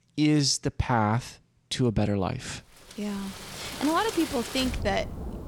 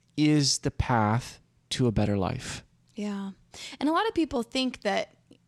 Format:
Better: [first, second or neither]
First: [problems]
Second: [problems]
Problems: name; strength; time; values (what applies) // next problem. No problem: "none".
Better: second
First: rain or running water; loud; from 3 s on; 9 dB below the speech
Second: none